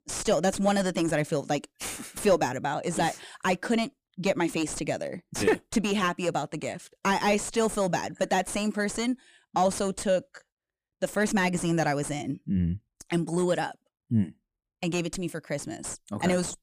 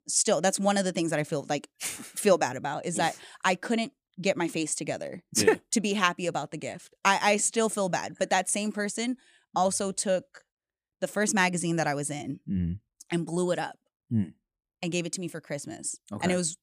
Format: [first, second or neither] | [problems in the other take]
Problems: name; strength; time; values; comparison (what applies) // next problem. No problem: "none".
second | distortion; heavy; 7 dB below the speech